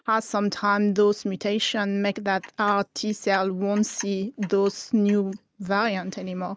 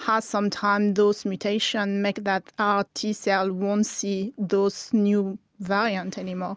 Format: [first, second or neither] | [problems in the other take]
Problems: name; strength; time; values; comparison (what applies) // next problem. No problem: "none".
second | noise reduction (neural mask model DeepFilterNet 3)